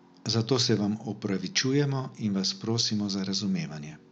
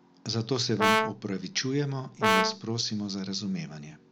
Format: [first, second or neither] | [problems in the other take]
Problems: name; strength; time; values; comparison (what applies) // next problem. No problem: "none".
first | background sound (Brass instrument); 3 dB above the speech